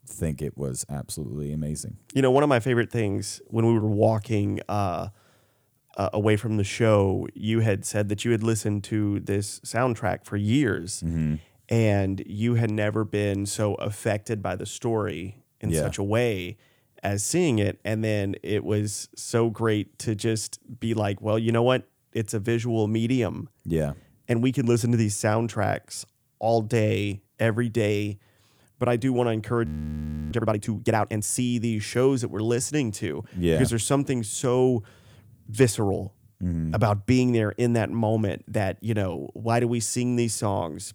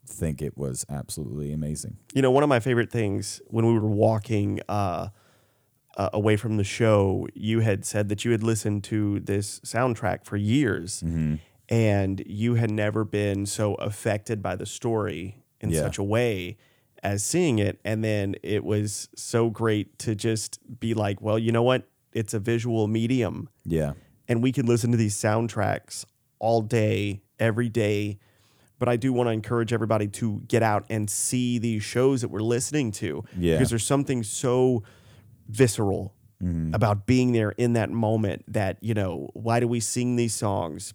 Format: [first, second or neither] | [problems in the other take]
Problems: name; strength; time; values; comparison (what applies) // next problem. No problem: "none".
second | audio freezing; at 30 s for 0.5 s